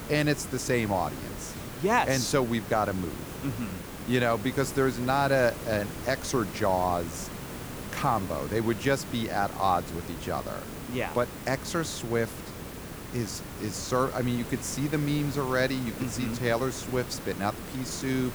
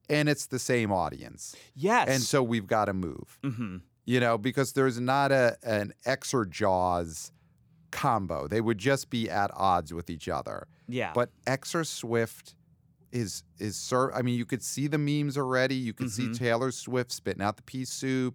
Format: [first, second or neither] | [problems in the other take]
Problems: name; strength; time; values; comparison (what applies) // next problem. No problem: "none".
second | hiss; loud; throughout; 10 dB below the speech